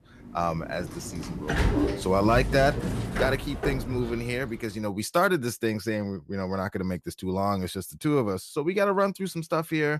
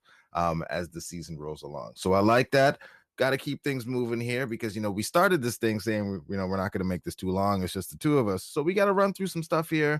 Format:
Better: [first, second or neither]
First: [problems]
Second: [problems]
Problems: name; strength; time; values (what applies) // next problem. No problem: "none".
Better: second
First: door banging; loud; from 0.5 to 4.5 s; peak 3 dB above the speech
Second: none